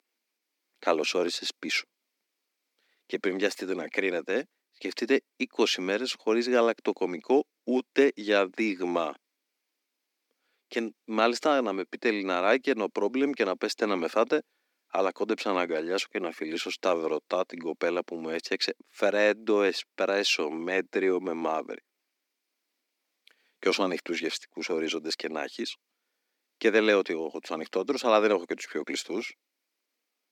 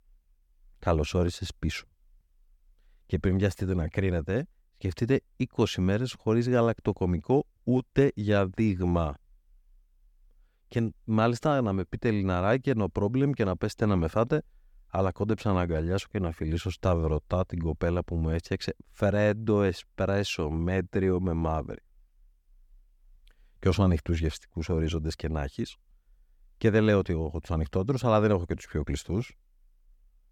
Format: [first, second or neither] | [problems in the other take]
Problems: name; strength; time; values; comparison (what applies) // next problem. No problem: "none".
second | thin; somewhat; fading below 250 Hz